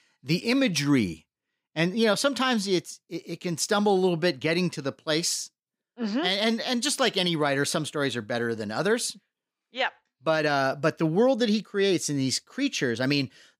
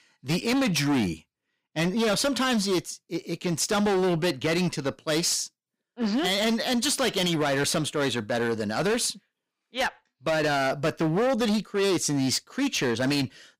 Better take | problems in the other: first | distortion; heavy; 18% of the sound clipped

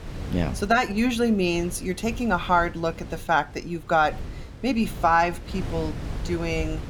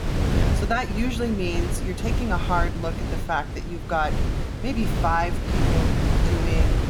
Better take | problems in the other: first | wind noise on the microphone; heavy; 5 dB below the speech; occasional gusts in the first

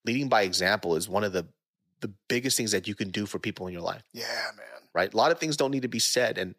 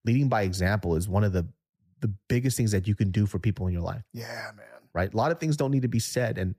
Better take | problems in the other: second | thin; somewhat; fading below 350 Hz

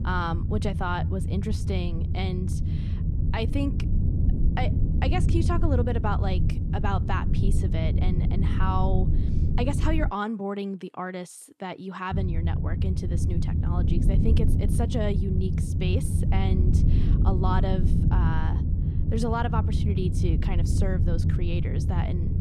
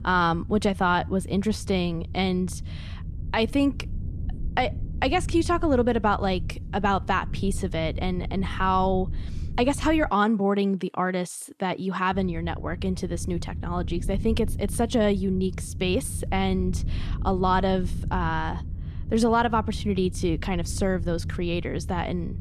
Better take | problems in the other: second | low rumble; loud; until 10 s and from 12 s on; 5 dB below the speech; faint in the second

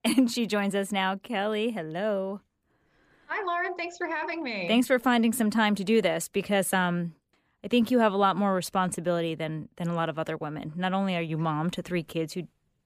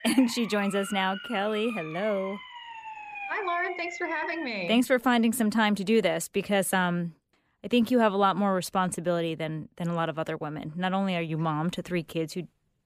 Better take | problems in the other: first | siren; noticeable; until 4.5 s; peak 9 dB below the speech

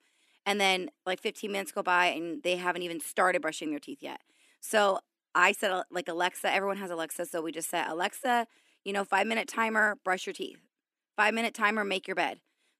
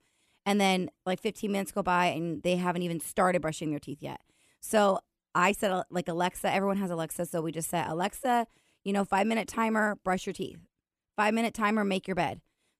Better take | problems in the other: second | thin; somewhat; fading below 250 Hz

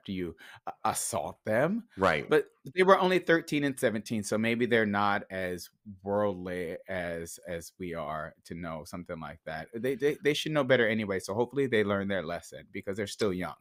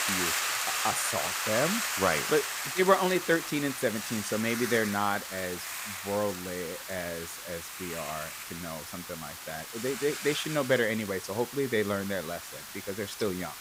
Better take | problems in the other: first | hiss; loud; throughout; 3 dB below the speech

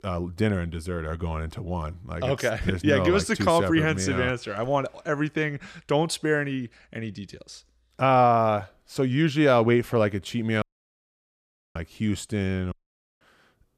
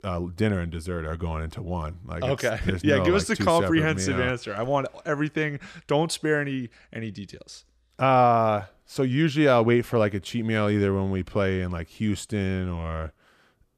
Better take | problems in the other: second | audio cutting out; at 11 s for 1 s and at 13 s

